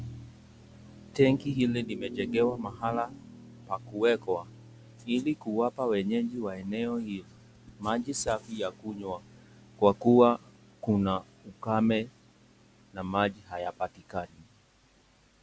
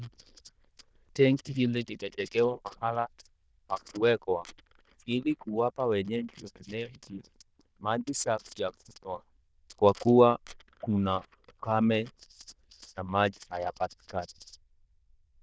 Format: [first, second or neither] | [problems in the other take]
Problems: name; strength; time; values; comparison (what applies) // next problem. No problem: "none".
first | noise reduction (neural diffusion model UNIVERSE++)